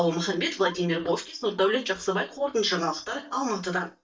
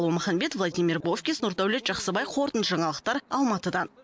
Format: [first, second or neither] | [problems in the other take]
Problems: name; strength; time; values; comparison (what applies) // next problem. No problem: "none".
second | noise reduction (neural mask model DeepFilterNet 3)